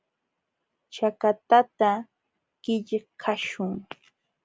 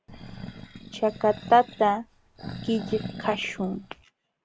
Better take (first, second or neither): first